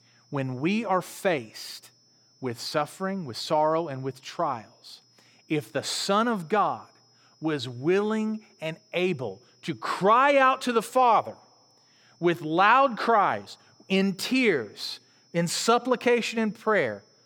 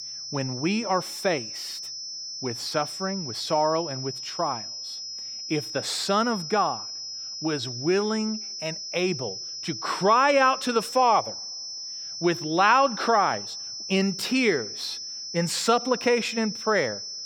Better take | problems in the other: first | high-pitched whine; loud; throughout; 5.5 kHz, 8 dB below the speech; faint in the first

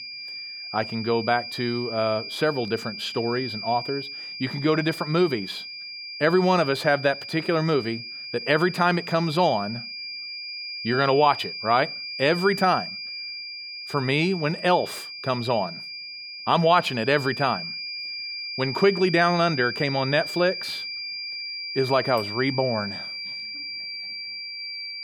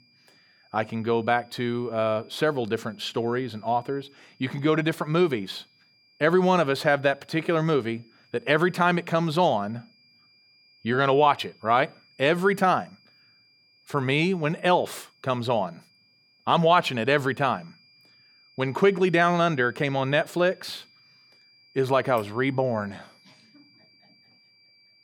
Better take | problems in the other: second | high-pitched whine; loud; throughout; 5 kHz, 8 dB below the speech; faint in the second

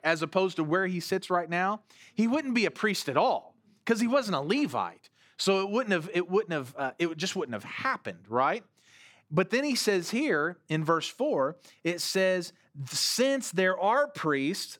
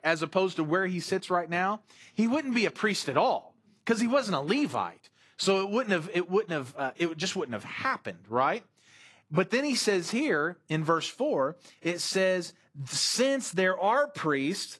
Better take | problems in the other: first | garbled, watery; slightly; nothing above 11.5 kHz

